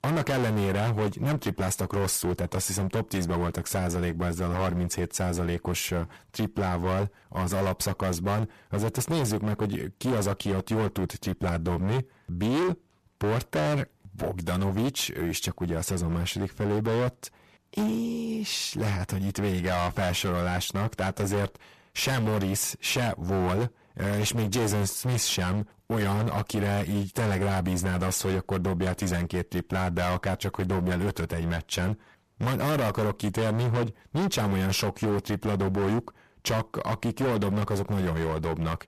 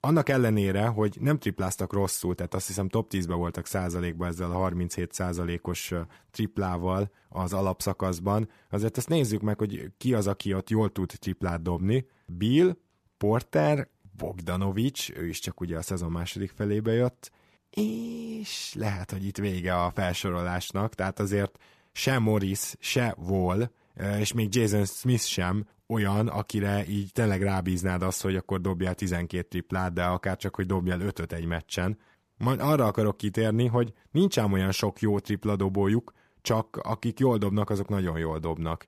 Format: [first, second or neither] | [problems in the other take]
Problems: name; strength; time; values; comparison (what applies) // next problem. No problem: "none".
second | distortion; heavy; 23% of the sound clipped